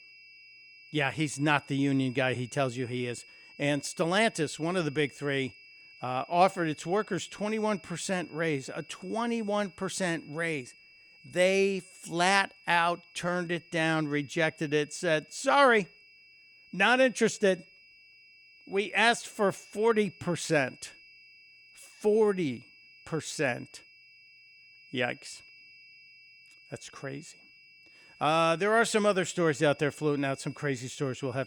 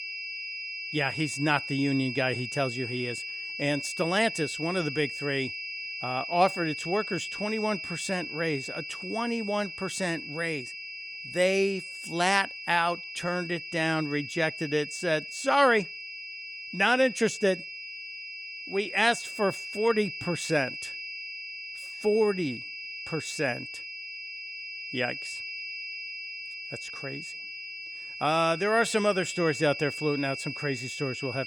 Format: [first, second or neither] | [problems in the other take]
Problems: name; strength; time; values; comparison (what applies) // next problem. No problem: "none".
first | high-pitched whine; loud; throughout; 2.5 kHz, 7 dB below the speech; faint in the first